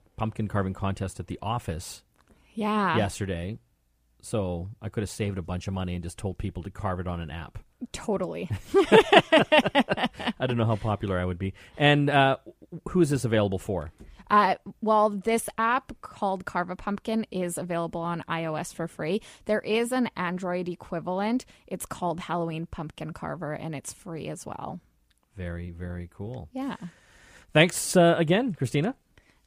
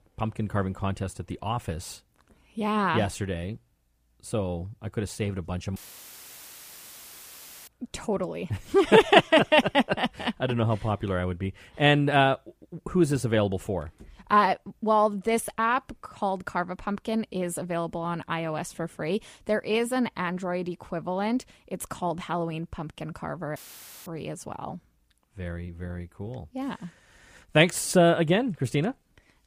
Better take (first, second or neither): first